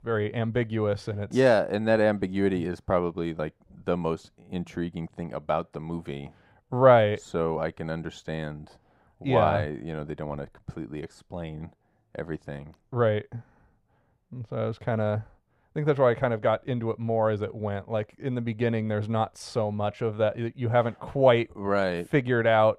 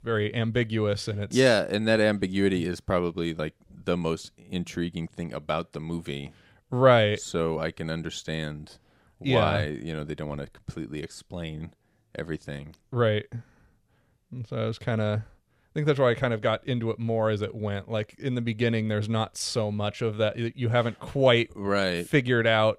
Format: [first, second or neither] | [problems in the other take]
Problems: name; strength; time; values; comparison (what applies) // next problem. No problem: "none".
second | muffled; slightly; fading above 2.5 kHz